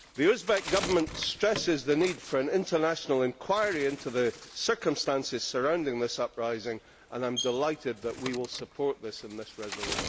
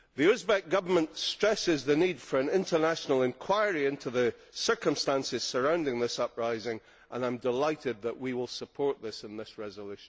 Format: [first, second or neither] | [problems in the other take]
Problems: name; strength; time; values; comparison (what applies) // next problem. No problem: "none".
second | background sound (Bird); 13 dB below the speech